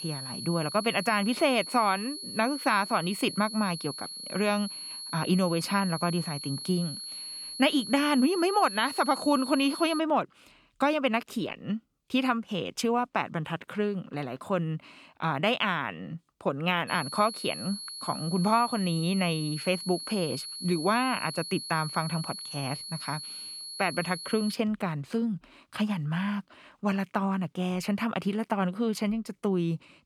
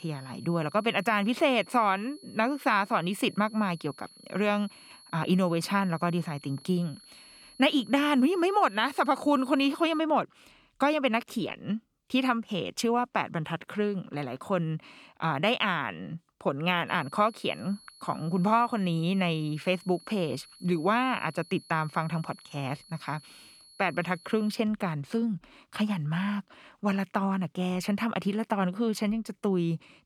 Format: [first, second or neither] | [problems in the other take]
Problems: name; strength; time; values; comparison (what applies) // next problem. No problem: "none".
second | high-pitched whine; loud; until 10 s and from 17 to 25 s; 4.5 kHz, 8 dB below the speech; faint in the second